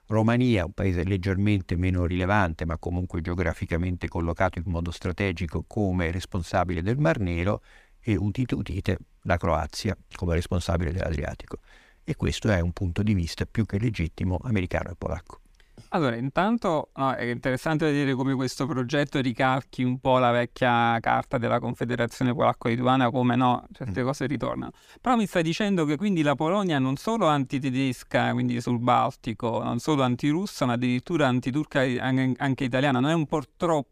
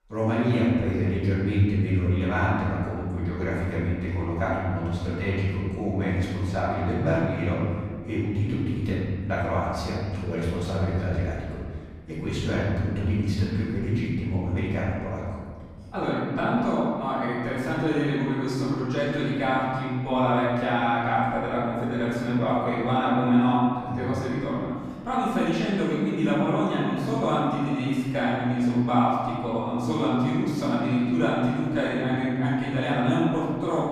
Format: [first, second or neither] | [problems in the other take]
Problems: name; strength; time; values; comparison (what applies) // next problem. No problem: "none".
first | room echo; strong; dies away in 1.8 s // off-mic speech; far